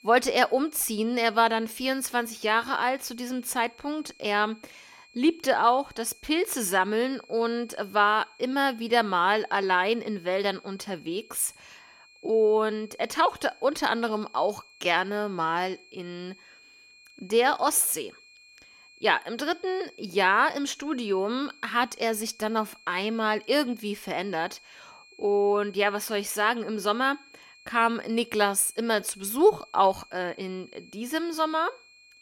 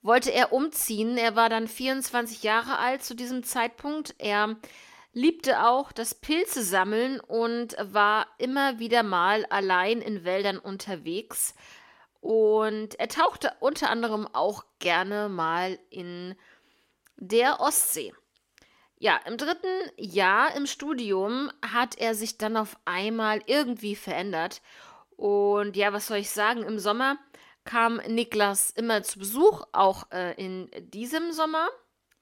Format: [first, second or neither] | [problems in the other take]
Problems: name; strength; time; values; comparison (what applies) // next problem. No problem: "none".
second | high-pitched whine; faint; throughout; 2.5 kHz, 25 dB below the speech